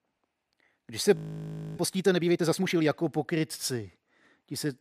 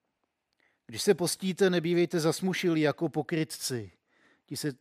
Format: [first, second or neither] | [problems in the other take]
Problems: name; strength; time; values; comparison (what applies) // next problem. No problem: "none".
second | audio freezing; at 1 s for 0.5 s